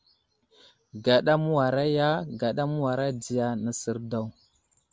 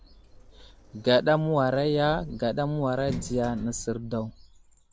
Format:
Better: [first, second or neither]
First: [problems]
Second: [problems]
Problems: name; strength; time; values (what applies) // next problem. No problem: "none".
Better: first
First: none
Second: background sound (Sliding door); 16 dB below the speech